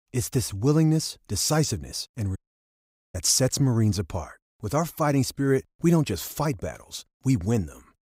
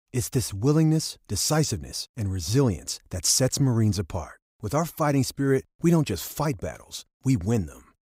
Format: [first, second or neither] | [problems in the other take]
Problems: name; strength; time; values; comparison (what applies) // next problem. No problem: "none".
second | audio cutting out; at 2.5 s for 1 s